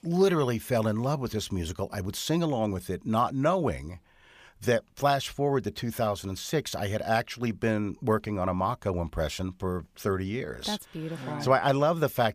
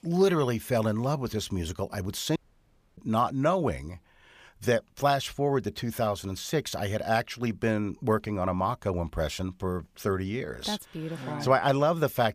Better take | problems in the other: first | audio cutting out; at 2.5 s for 0.5 s

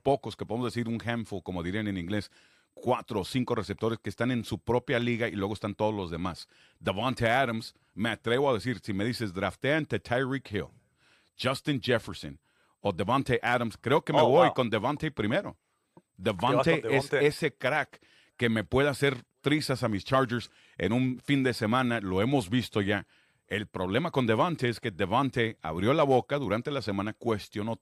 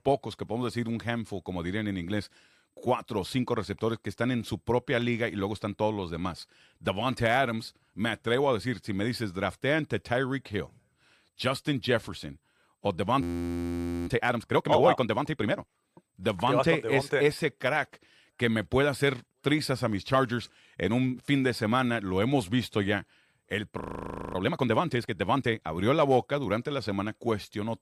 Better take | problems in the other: first | audio freezing; at 13 s for 1 s and at 24 s for 0.5 s

